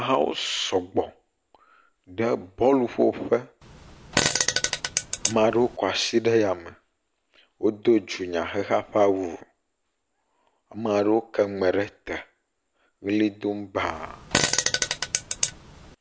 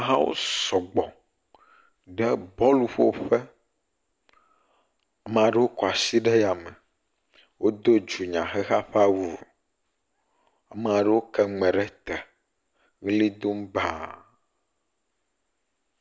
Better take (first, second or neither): second